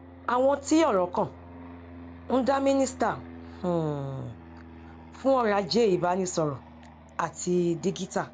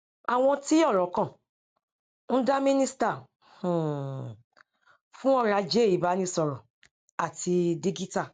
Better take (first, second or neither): second